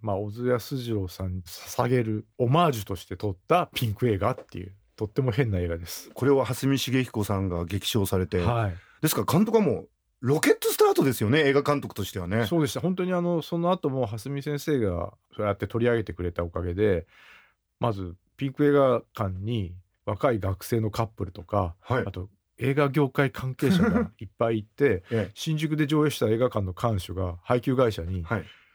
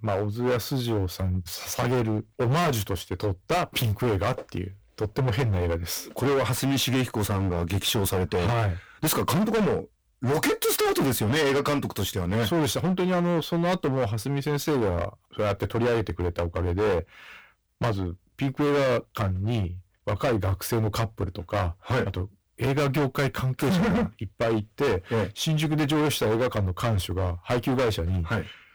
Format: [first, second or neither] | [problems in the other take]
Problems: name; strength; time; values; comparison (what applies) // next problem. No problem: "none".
first | distortion; heavy; 21% of the sound clipped